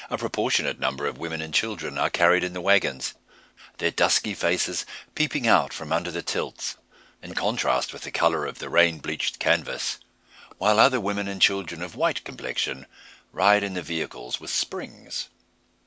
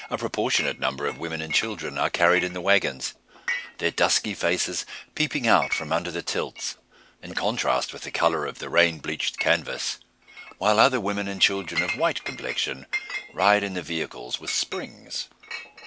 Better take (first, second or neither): first